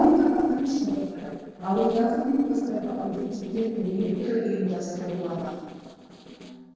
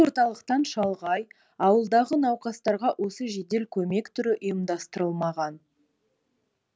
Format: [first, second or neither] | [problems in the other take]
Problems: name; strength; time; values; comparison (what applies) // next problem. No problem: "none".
second | noise reduction (neural separator model SepFormer DNS4)